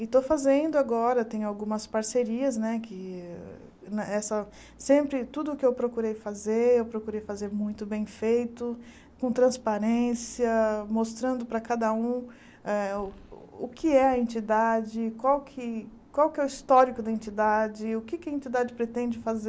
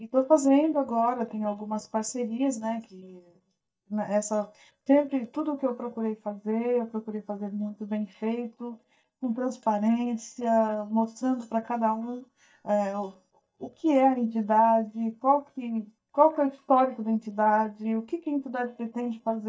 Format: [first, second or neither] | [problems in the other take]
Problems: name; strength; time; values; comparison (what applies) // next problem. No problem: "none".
first | noise reduction (neural mask model DeepFilterNet 3)